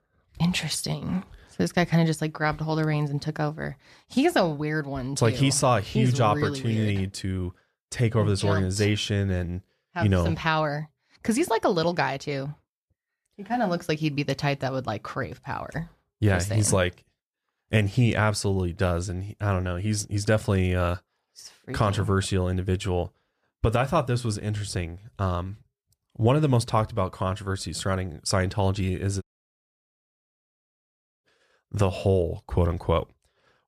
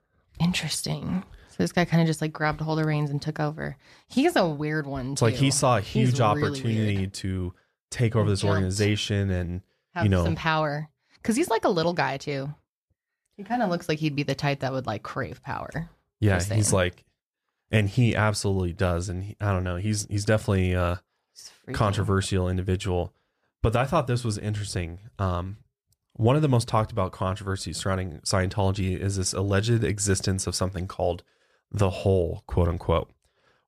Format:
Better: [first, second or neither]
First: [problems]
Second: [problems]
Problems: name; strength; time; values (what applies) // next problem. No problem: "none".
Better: second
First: audio cutting out; at 29 s for 2 s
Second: none